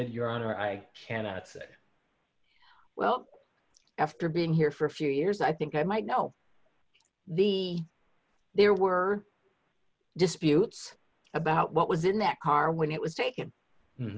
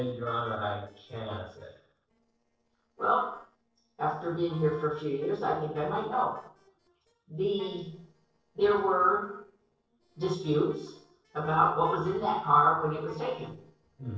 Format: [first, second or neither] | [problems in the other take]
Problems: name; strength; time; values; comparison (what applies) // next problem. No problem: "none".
first | noise reduction (neural separator model SepFormer DNS4)